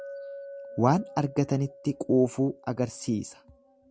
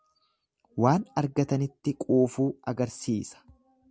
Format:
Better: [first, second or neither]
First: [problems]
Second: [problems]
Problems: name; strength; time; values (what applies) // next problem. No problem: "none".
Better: second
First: background sound (Chink, clink); 17 dB below the speech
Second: none